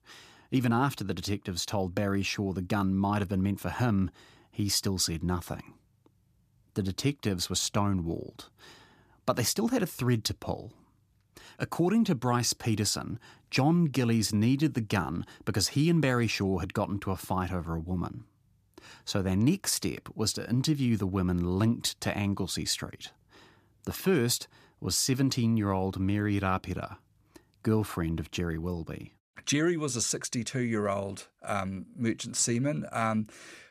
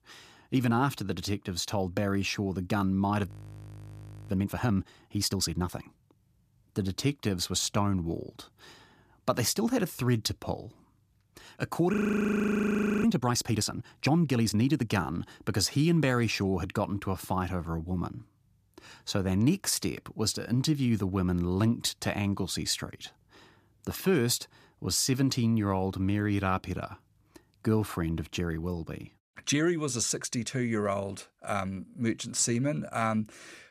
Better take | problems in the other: first | audio freezing; at 3.5 s for 1 s and at 12 s for 1 s

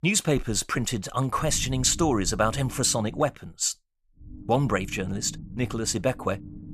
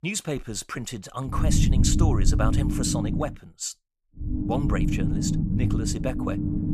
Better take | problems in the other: first | low rumble; loud; from 1.5 to 3 s and from 4.5 s on; 2 dB below the speech; faint in the first

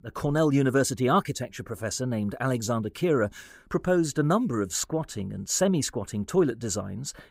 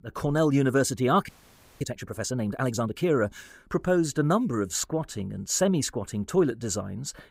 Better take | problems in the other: first | audio freezing; at 1.5 s for 0.5 s

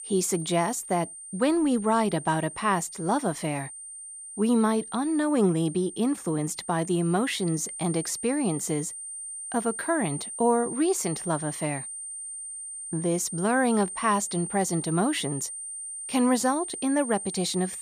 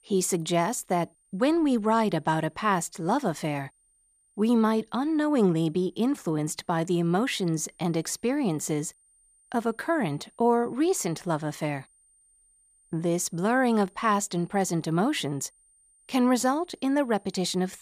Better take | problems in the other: second | high-pitched whine; loud; throughout; 9 kHz, 9 dB below the speech; faint in the second

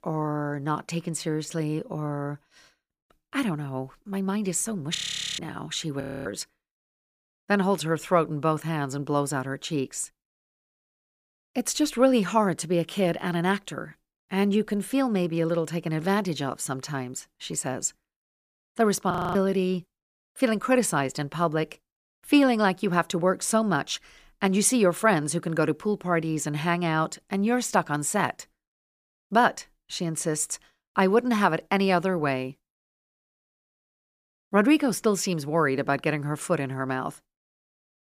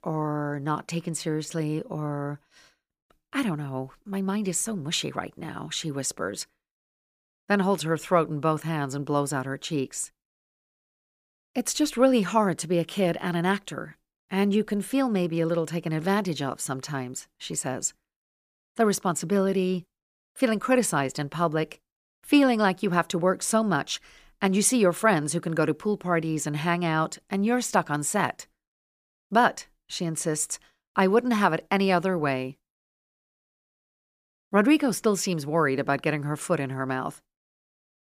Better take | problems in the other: second | audio freezing; at 5 s, at 6 s and at 19 s

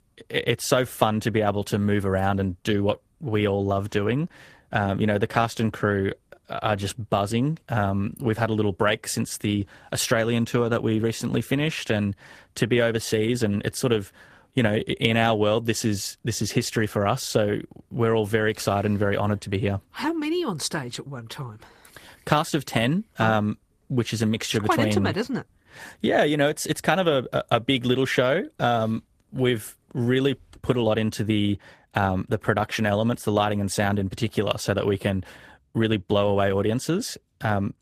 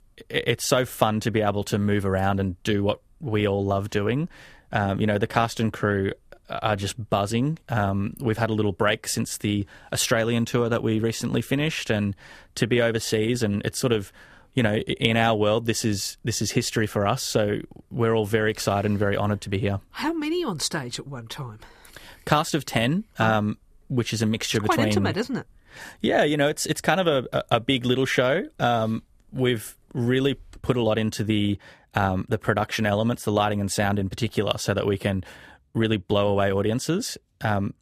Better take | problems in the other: second | garbled, watery; slightly; nothing above 14.5 kHz

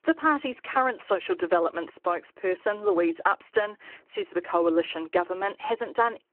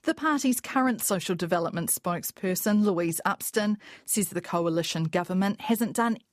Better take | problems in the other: second | phone-call audio

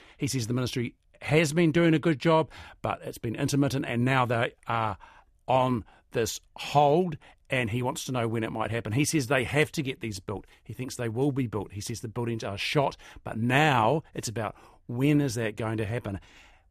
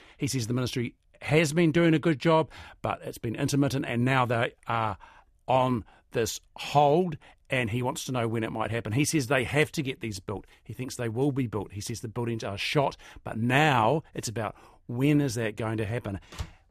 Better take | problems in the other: first | door banging; faint; at 16 s; peak 15 dB below the speech

